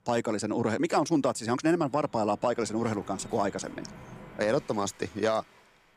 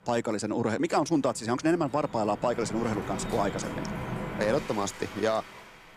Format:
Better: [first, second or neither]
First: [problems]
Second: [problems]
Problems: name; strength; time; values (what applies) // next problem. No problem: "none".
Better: first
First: rain or running water; faint; throughout; 20 dB below the speech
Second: rain or running water; loud; throughout; 9 dB below the speech